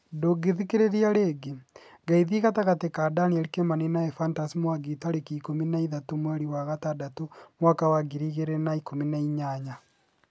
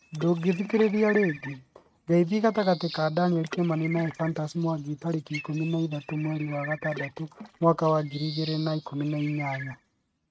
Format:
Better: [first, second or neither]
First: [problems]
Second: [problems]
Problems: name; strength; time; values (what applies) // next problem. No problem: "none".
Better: first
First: none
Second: noise reduction (neural mask model RNNoise)